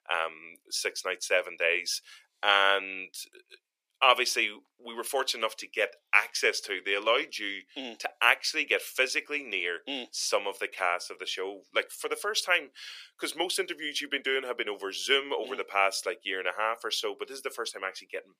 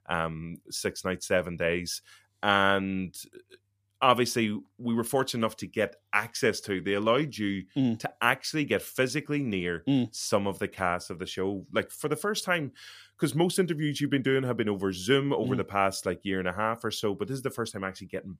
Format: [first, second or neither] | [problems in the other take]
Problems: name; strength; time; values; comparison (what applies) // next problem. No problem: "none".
second | thin; very; fading below 400 Hz